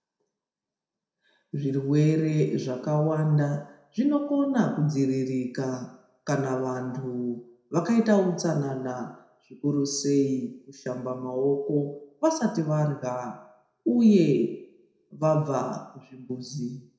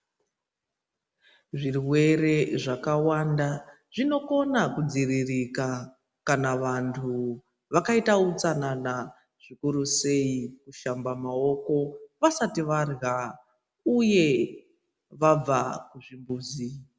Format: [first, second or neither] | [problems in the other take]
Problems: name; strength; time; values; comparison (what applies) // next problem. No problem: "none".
second | room echo; dies away in 0.6 s